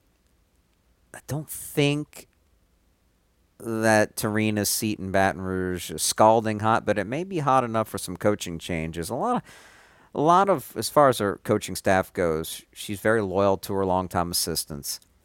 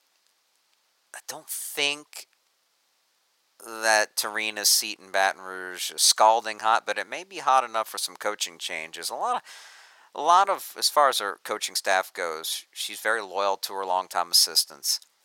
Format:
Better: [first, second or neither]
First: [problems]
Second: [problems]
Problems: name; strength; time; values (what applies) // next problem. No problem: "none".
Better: first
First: none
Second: thin; very; fading below 850 Hz